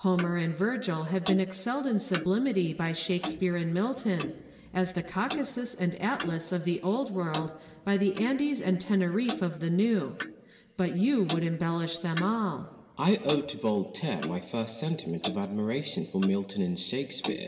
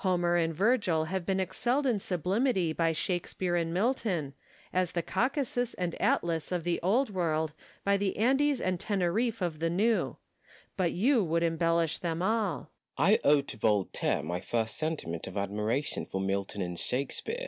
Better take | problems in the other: second | background sound (Clock); 13 dB below the speech // room echo; dies away in 1.3 s

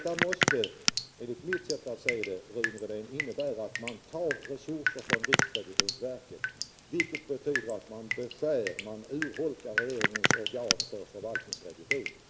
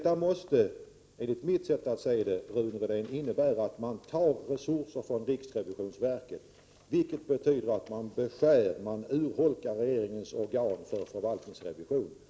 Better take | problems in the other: second | background sound (Drip); 2 dB above the speech

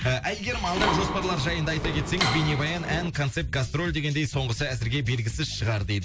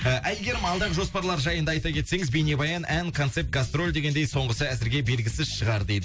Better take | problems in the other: second | background sound (Mechanisms); 3 dB below the speech

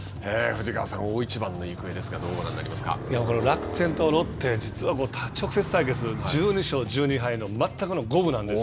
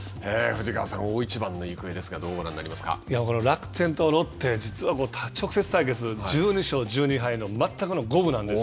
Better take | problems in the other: second | background sound (Motorcycle); 9 dB below the speech

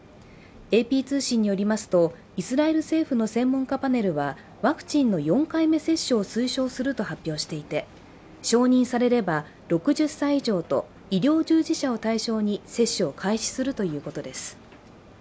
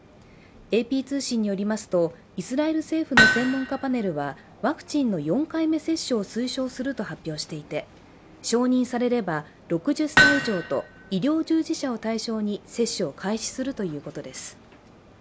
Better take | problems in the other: first | background sound (Hammer); 3 dB above the speech

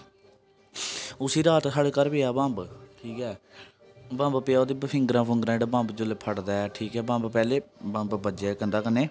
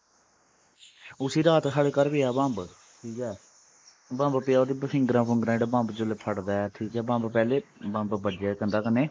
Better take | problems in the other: first | noise reduction (neural mask model Resemble Enhance denoiser)

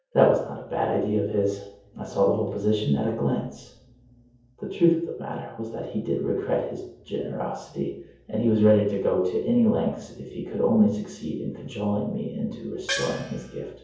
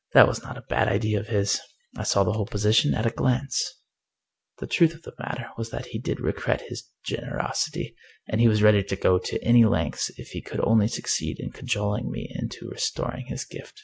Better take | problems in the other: second | background sound (Gong); 7 dB below the speech // room echo; dies away in 0.7 s

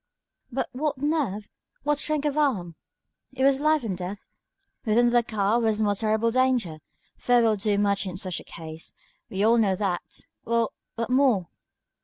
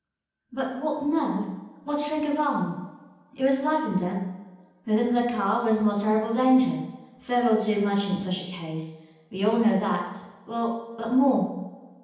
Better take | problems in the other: first | room echo; dies away in 0.9 s

